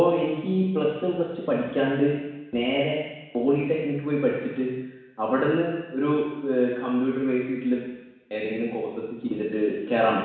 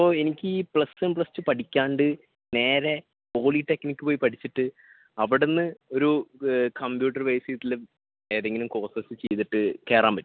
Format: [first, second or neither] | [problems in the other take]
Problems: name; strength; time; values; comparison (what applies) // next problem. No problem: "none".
second | room echo; dies away in 1.1 s